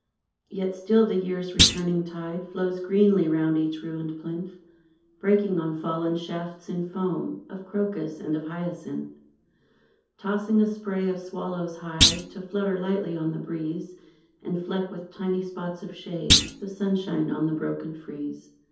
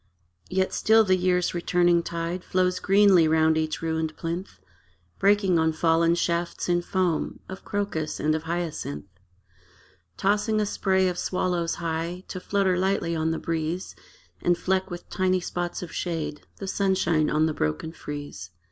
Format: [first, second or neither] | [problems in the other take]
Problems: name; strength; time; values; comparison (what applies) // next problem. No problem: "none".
second | background sound (Thump, thud); 3 dB above the speech // room echo; dies away in 0.6 s